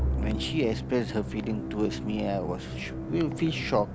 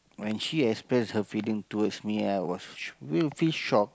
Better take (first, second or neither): second